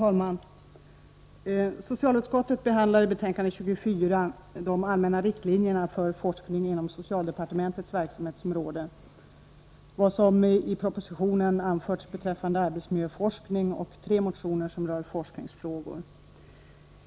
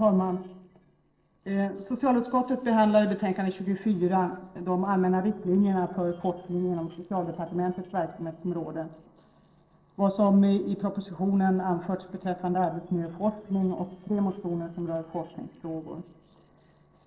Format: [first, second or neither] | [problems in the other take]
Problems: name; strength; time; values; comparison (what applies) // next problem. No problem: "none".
first | noise reduction (neural separator model SepFormer DNS4)